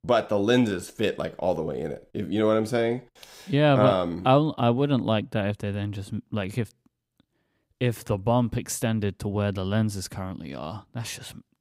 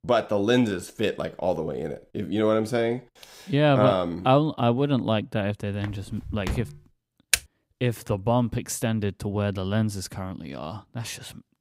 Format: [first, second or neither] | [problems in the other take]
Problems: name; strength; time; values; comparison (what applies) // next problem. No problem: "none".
first | footsteps; noticeable; at 6 s; peak 8 dB below the speech // keyboard typing; very faint; at 7.5 s; peak 1 dB above the speech